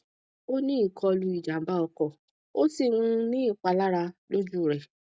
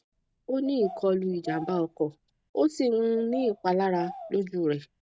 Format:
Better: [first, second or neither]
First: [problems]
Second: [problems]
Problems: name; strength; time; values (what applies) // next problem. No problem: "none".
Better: first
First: none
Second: background sound (Bird vocalization, bird call, bird song); 15 dB below the speech